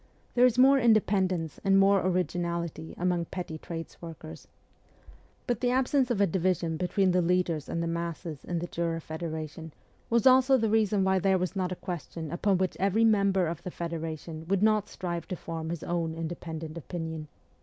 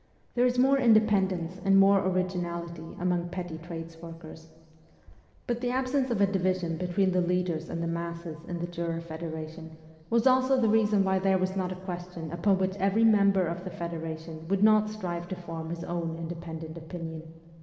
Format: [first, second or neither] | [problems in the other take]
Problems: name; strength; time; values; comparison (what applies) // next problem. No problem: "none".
first | room echo; dies away in 2.1 s